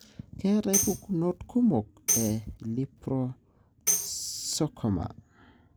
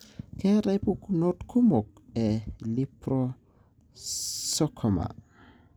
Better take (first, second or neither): second